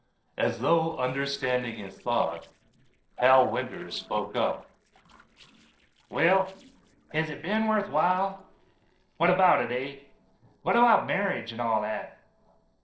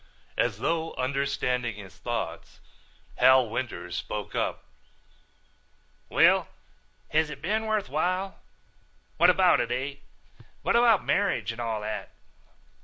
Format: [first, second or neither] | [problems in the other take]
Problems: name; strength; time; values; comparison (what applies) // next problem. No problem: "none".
second | noise reduction (neural separator model SepFormer DNS4)